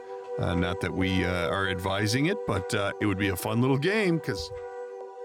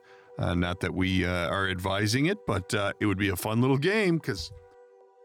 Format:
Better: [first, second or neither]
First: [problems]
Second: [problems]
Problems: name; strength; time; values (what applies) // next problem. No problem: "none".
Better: second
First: background music; loud; throughout; 10 dB below the speech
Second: background music; faint; throughout; 25 dB below the speech